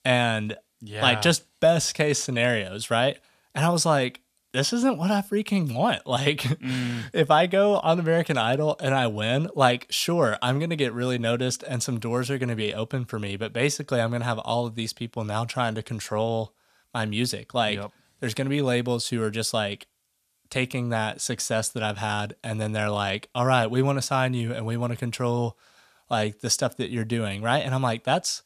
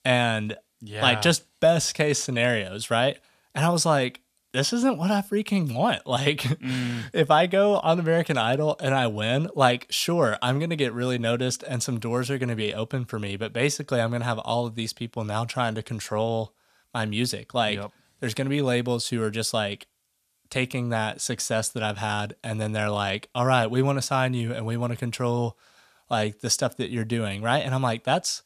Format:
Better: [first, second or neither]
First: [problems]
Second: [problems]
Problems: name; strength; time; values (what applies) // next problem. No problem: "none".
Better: neither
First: none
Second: none